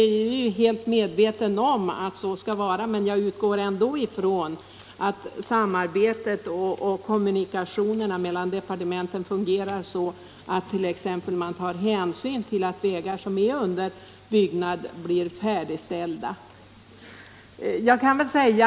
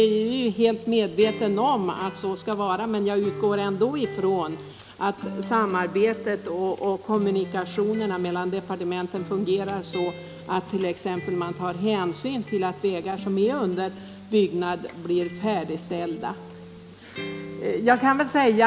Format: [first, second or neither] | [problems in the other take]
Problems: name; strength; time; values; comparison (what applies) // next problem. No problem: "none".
first | background sound (Acoustic guitar); 14 dB below the speech